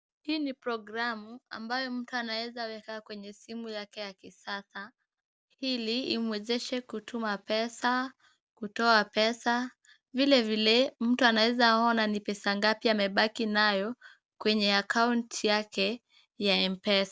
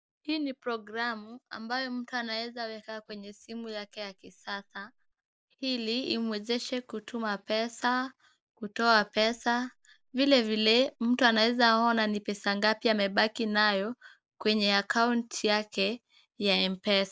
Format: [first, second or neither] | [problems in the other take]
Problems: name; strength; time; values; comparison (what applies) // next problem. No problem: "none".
first | noise reduction (neural mask model Resemble Enhance denoiser)